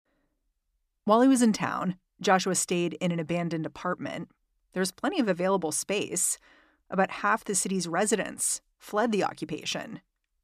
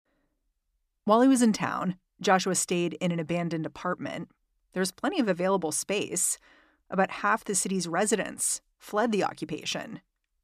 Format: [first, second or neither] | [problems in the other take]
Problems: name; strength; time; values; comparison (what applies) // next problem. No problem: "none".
neither | none